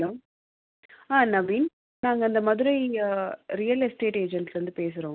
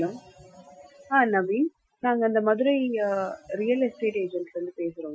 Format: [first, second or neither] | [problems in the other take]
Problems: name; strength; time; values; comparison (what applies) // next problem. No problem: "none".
first | noise reduction (classical method Wiener filter)